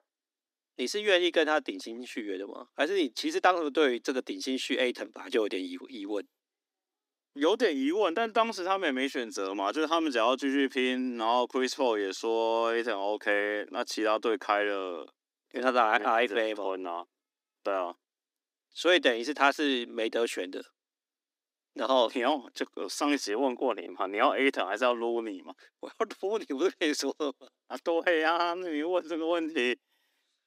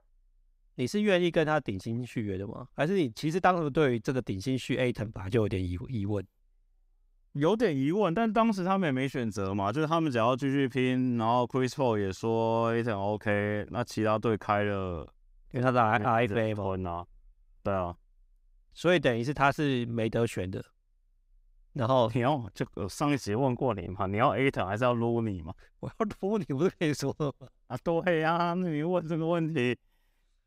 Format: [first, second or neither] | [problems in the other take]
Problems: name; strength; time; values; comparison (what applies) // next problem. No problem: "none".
second | thin; very slightly; fading below 250 Hz